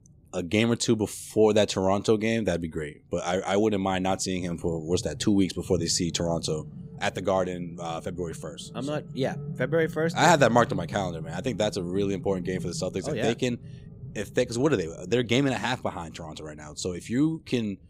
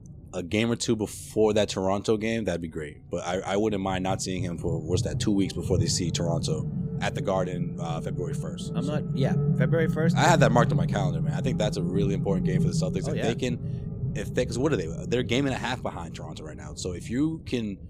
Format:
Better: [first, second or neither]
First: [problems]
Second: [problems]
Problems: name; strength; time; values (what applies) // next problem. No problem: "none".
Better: first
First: low rumble; faint; throughout; 20 dB below the speech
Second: low rumble; loud; throughout; 10 dB below the speech